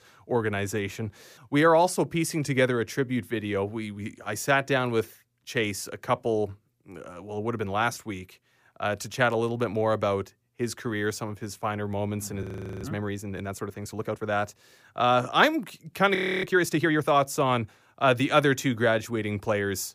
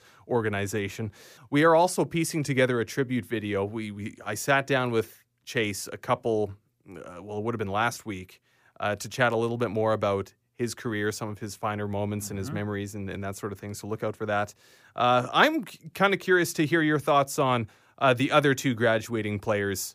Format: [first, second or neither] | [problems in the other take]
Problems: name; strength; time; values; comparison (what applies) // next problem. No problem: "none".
second | audio freezing; at 12 s and at 16 s